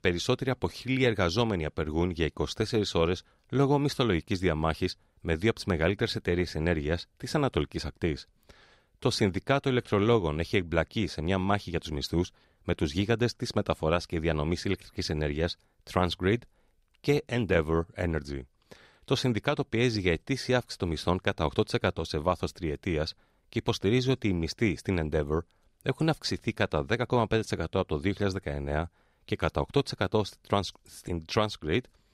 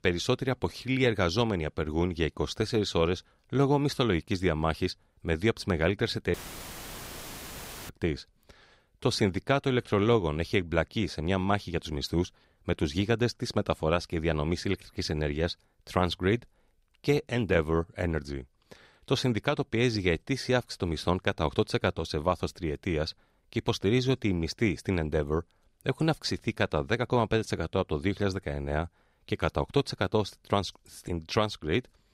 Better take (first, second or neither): first